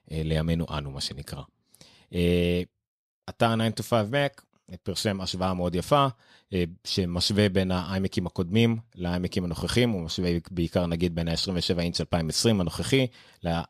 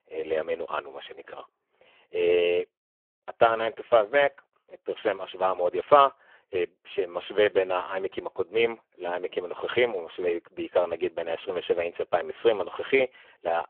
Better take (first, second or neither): first